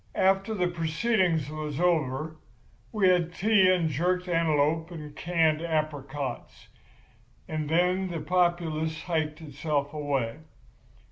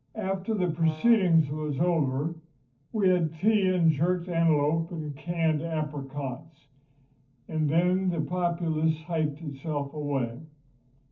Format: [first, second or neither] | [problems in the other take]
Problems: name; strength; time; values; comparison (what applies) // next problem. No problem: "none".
first | noise reduction (neural separator model SepFormer DNS4)